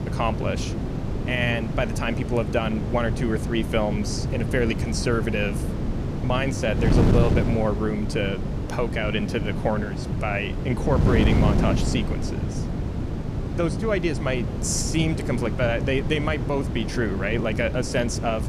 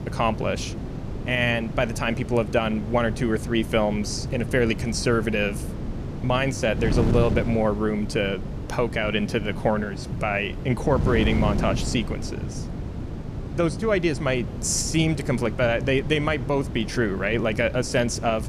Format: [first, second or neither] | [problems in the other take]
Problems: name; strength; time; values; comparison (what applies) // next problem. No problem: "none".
second | wind noise on the microphone; heavy; 7 dB below the speech; occasional gusts in the second